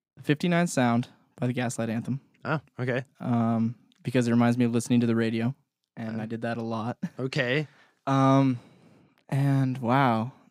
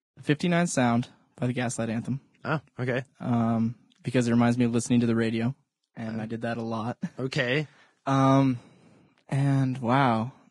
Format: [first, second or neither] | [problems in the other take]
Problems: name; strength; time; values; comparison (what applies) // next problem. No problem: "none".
first | garbled, watery; badly